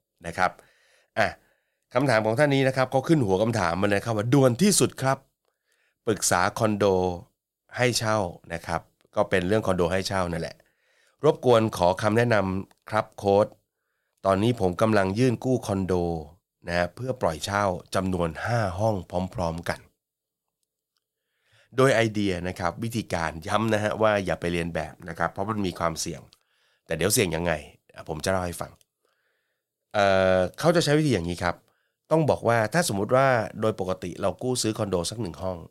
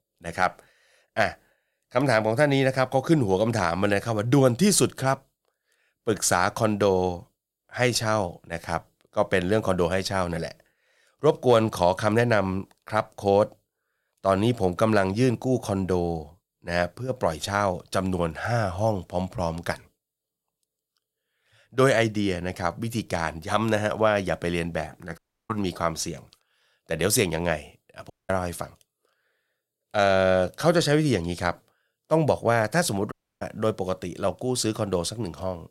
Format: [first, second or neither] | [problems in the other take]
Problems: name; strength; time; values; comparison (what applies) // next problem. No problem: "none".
first | audio cutting out; at 25 s, at 28 s and at 33 s